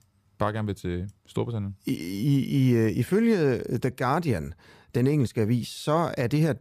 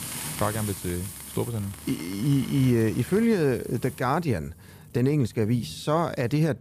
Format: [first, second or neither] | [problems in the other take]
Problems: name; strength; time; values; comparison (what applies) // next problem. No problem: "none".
first | hiss; noticeable; throughout; 10 dB below the speech